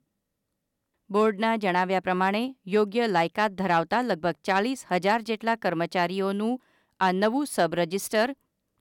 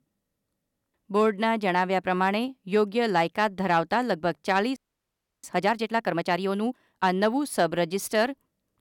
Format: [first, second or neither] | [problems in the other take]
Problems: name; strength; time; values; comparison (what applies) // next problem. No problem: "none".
first | audio freezing; at 5 s for 0.5 s